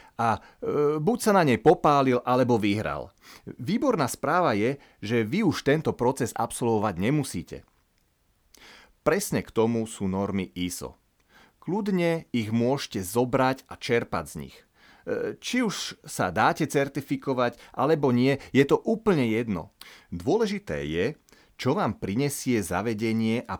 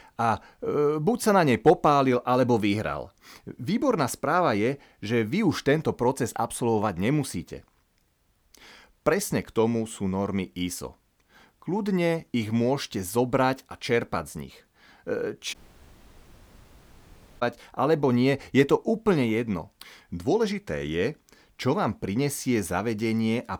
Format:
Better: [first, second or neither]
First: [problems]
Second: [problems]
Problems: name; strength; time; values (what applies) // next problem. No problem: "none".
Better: first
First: none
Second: audio cutting out; at 16 s for 2 s